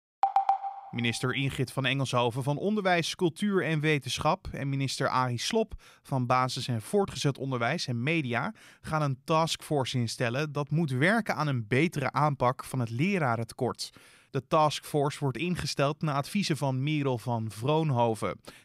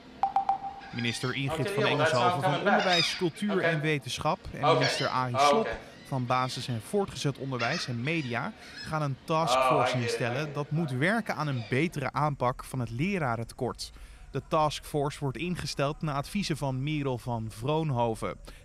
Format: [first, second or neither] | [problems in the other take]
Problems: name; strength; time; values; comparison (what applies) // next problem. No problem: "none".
first | animal sounds; very loud; throughout; 1 dB above the speech